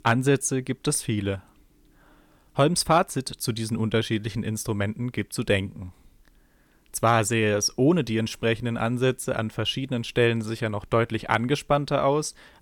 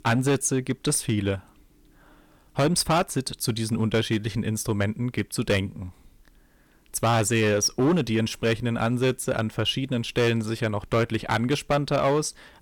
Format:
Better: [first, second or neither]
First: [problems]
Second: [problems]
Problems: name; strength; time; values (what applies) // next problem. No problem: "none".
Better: first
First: none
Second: distortion; slight; 6% of the sound clipped